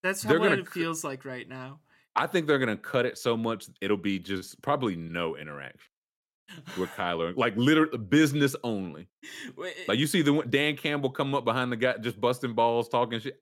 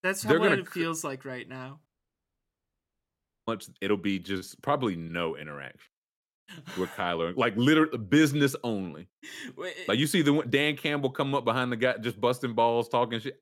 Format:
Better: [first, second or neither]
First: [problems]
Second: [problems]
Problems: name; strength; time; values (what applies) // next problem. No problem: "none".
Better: first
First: none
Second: audio cutting out; at 2 s for 1.5 s